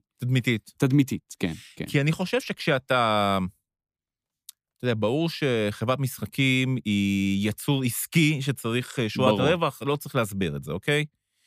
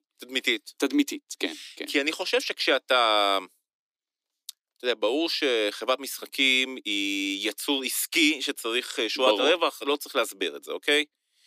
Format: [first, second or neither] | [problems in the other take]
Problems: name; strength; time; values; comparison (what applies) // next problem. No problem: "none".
first | thin; somewhat; fading below 300 Hz